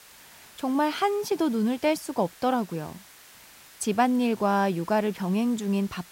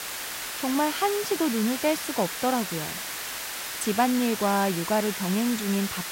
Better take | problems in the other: first | hiss; loud; throughout; 5 dB below the speech; faint in the first

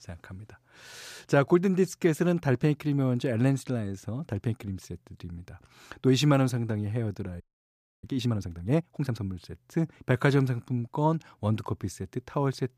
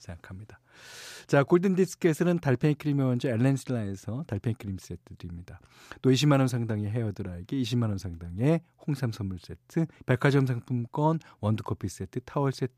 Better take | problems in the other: second | audio freezing; at 7.5 s for 0.5 s

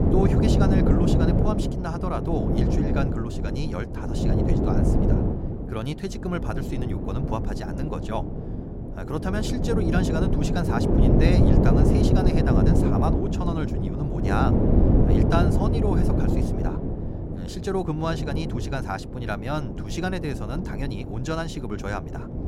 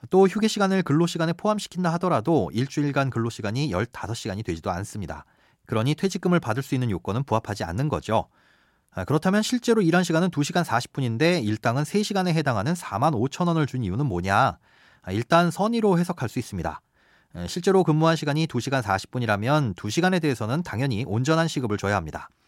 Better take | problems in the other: second | wind noise on the microphone; heavy; 1 dB above the speech

